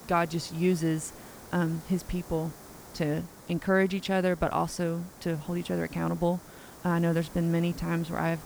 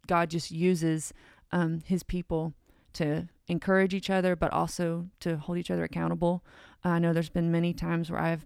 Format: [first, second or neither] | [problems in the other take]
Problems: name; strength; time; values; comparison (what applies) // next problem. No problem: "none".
second | hiss; noticeable; throughout; 20 dB below the speech